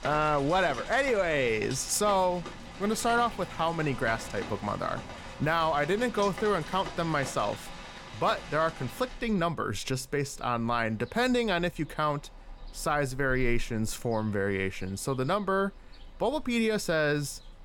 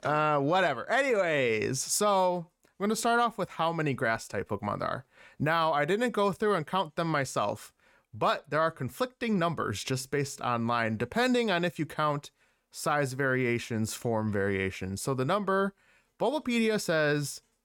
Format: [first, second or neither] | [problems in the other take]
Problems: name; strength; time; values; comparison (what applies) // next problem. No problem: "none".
second | rain or running water; noticeable; throughout; 15 dB below the speech